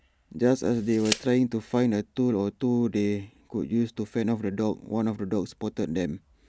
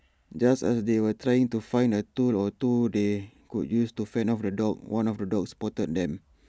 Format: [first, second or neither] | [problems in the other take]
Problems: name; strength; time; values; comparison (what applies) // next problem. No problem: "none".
second | background sound (Tick); 12 dB below the speech